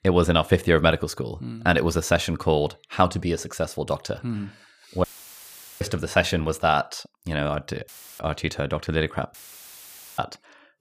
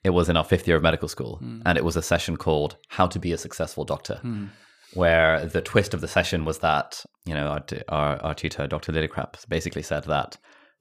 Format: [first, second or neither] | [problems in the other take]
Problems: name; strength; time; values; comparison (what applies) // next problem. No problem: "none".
second | audio cutting out; filled with static; at 5 s for 1 s, at 8 s and at 9.5 s for 1 s